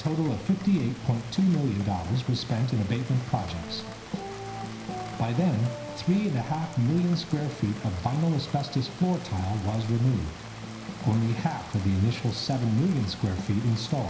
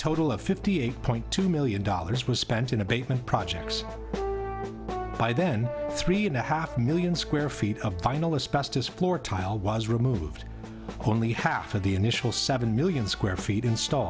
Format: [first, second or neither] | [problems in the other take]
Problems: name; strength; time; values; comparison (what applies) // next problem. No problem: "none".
second | background sound (Rain); 17 dB below the speech // room echo; dies away in 0.9 s